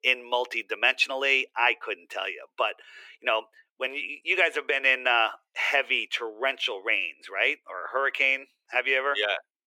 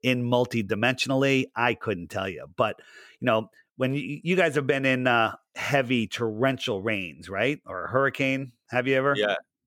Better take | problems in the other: second | thin; very; fading below 350 Hz

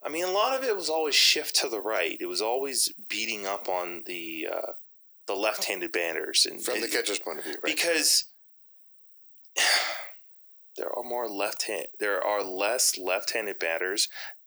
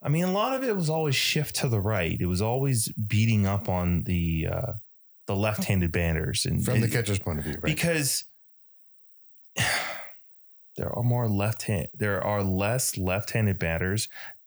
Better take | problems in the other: second | thin; very; fading below 350 Hz

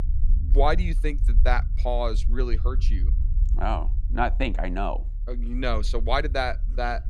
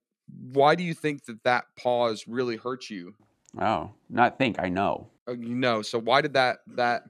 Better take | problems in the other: second | low rumble; faint; throughout; 20 dB below the speech

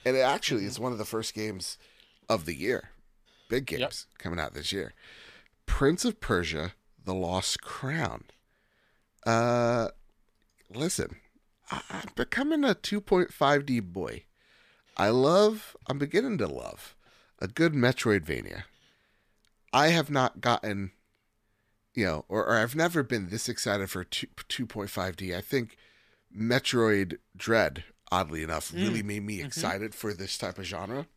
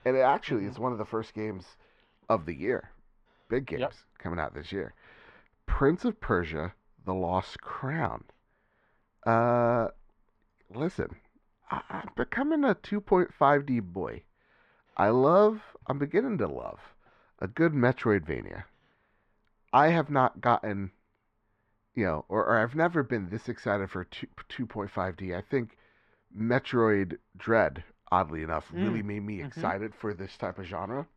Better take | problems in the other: first | muffled; very; fading above 1.5 kHz

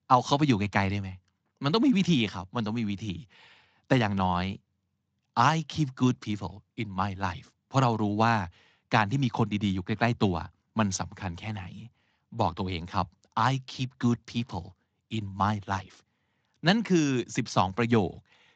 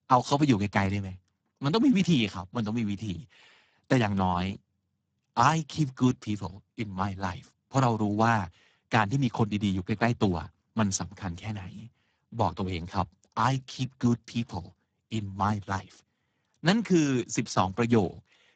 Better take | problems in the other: first | garbled, watery; badly; nothing above 7.5 kHz; slightly in the first

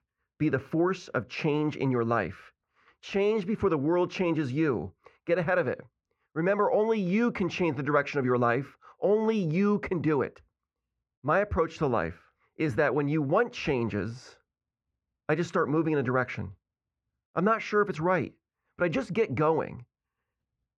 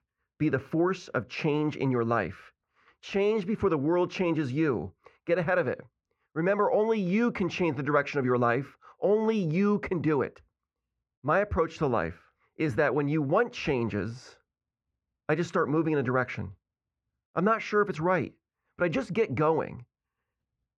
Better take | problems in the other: neither | muffled; very; fading above 1.5 kHz; the same in both

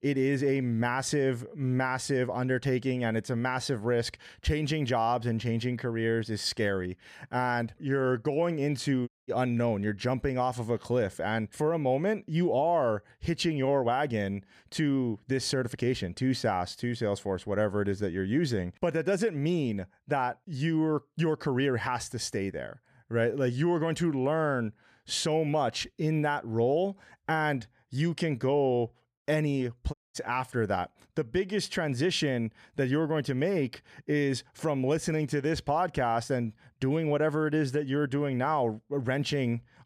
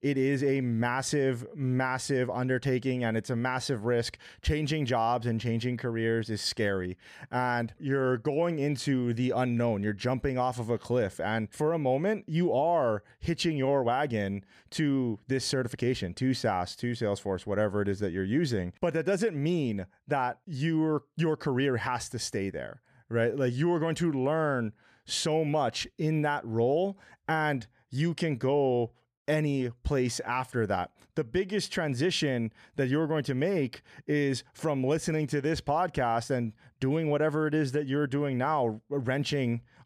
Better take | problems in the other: second | audio cutting out; at 9 s and at 30 s

